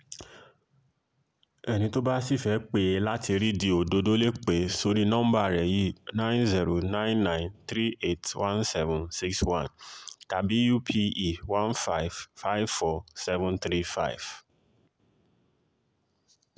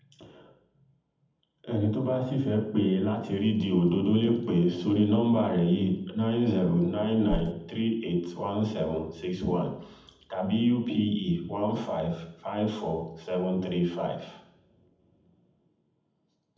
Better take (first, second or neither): first